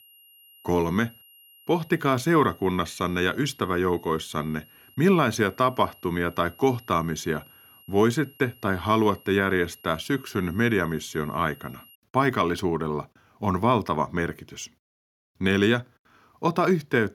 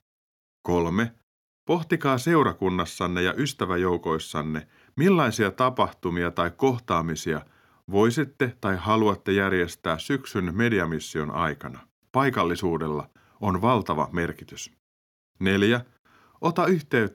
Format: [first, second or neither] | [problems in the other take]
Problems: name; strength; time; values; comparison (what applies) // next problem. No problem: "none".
second | high-pitched whine; faint; until 12 s; 3 kHz, 25 dB below the speech